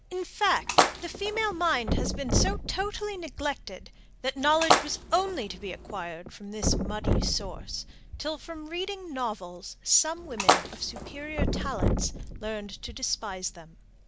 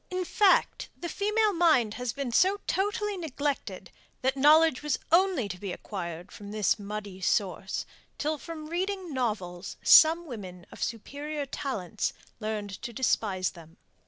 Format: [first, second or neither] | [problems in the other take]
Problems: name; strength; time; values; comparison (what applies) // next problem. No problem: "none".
second | background sound (Splash, splatter + Thump, thud); 1 dB above the speech